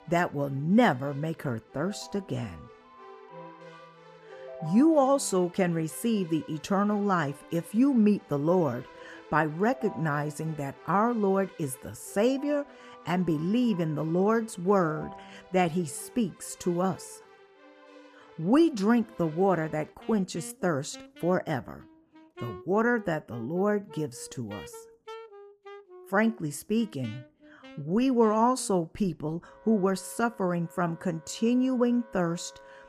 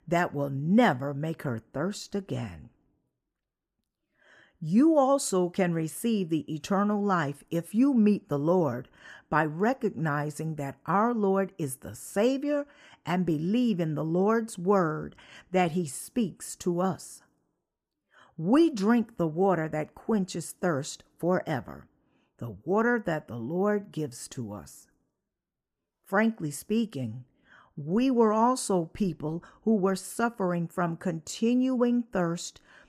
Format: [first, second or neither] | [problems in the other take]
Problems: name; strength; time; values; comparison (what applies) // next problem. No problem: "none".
second | background music; faint; throughout; 20 dB below the speech